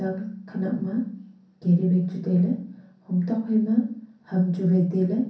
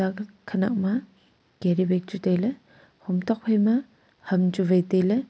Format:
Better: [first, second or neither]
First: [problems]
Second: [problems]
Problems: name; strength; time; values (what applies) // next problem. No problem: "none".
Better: second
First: room echo; dies away in 0.6 s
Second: none